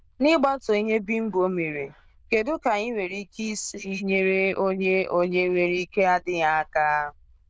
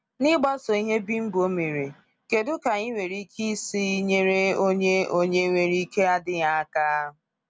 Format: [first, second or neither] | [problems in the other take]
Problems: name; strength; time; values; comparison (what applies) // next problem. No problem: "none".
second | noise reduction (neural diffusion model UNIVERSE++)